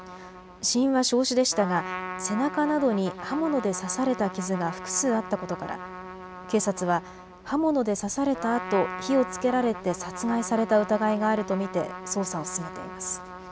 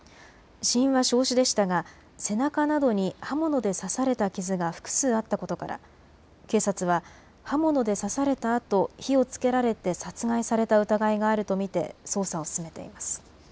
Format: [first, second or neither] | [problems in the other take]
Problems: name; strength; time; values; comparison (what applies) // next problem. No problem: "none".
second | background sound (Trumpet); 12 dB below the speech